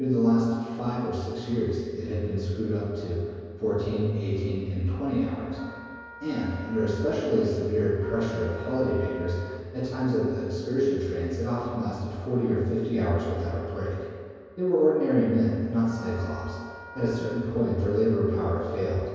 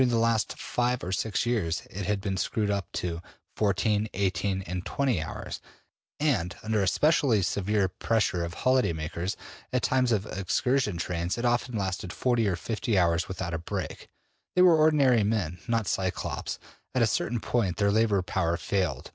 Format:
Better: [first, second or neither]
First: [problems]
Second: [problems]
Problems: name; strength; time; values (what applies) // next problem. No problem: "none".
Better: second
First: background sound (Wind instrument, woodwind instrument); 18 dB below the speech // room echo; dies away in 2.2 s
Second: none